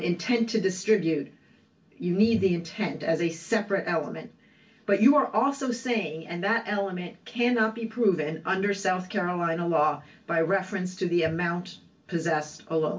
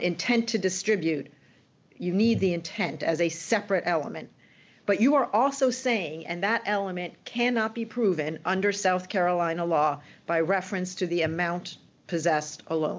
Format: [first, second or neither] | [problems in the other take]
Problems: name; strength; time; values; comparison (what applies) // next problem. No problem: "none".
second | room echo; dies away in 0.2 s